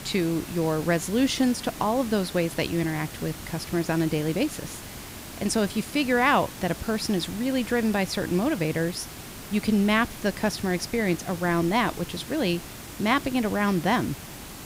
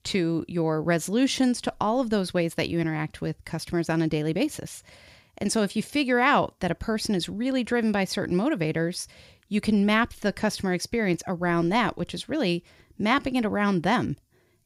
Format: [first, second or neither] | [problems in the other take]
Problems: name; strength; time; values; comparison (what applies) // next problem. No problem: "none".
second | hiss; noticeable; throughout; 15 dB below the speech